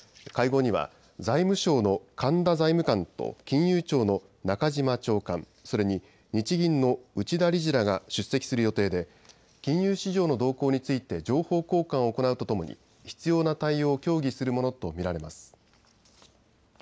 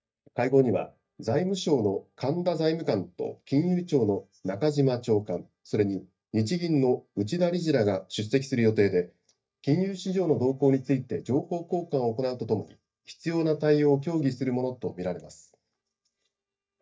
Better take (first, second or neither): first